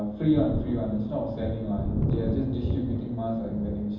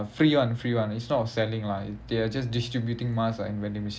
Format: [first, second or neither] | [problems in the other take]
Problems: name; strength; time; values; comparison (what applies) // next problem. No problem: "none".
second | background sound (Thunder); 3 dB below the speech // room echo; dies away in 0.9 s